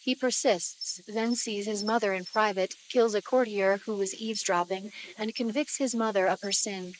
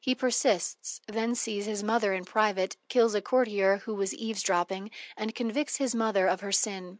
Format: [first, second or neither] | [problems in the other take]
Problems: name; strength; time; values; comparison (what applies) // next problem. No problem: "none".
second | noise reduction (neural mask model Resemble Enhance denoiser)